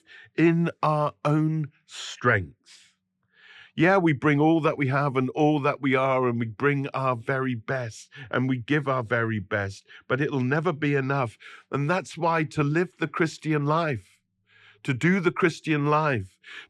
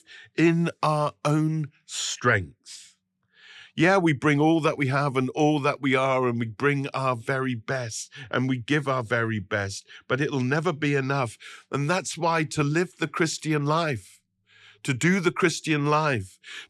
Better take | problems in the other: second | muffled; slightly; fading above 3.5 kHz

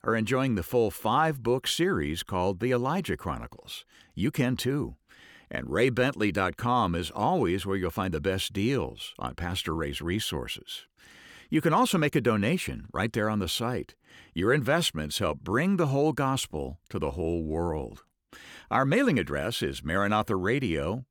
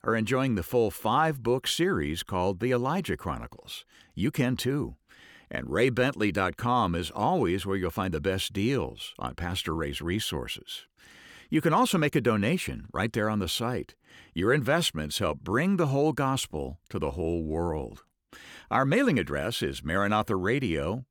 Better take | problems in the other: neither | none

